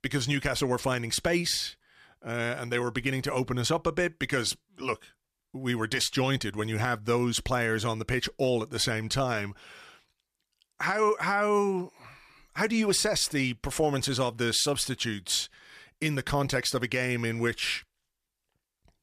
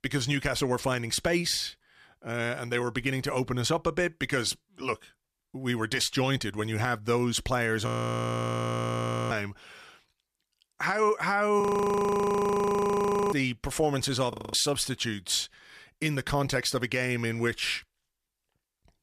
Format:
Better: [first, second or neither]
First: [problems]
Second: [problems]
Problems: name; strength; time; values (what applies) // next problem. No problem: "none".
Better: first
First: none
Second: audio freezing; at 8 s for 1.5 s, at 12 s for 1.5 s and at 14 s